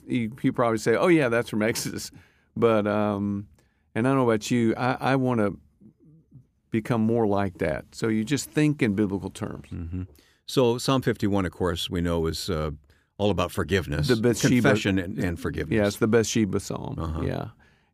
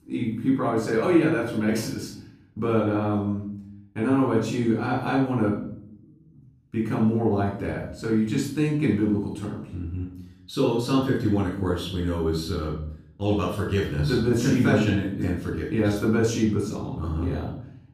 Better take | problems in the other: first | off-mic speech; far // room echo; noticeable; dies away in 0.6 s

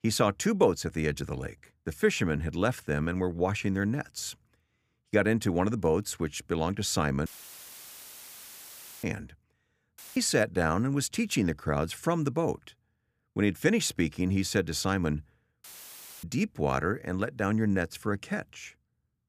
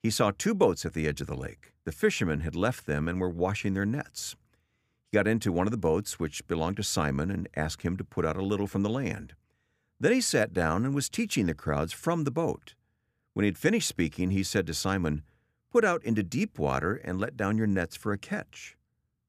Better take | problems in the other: second | audio cutting out; filled with static; at 7.5 s for 2 s, at 10 s and at 16 s for 0.5 s

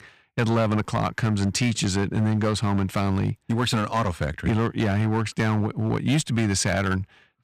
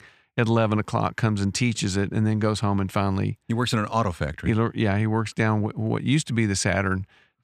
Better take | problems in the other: second | distortion; slight; 8% of the sound clipped

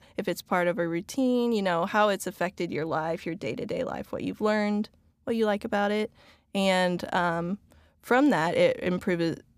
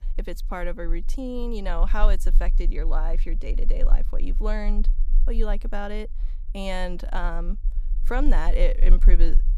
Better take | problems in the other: first | low rumble; faint; throughout; 20 dB below the speech

